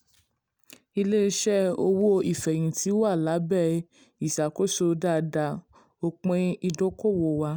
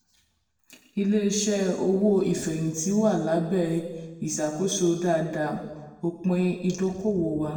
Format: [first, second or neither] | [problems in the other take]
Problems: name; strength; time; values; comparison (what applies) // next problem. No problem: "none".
first | room echo; dies away in 1.1 s